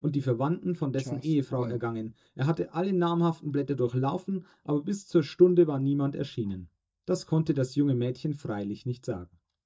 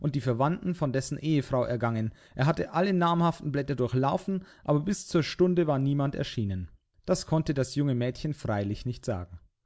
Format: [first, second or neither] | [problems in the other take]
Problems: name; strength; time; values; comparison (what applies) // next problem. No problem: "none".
second | noise reduction (neural mask model DeepFilterNet 3)